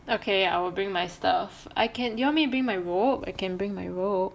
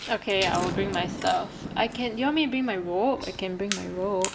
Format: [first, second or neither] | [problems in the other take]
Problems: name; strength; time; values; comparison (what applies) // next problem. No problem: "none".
first | background sound (Chewing, mastication + Thunder); 9 dB below the speech